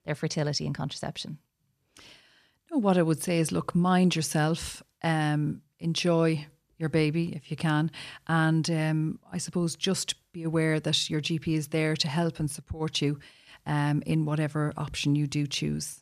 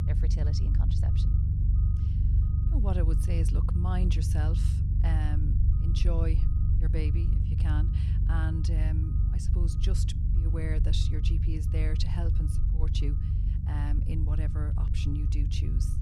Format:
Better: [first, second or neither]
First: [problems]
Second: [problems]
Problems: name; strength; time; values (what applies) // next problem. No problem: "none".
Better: first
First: none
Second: low rumble; loud; throughout; 2 dB below the speech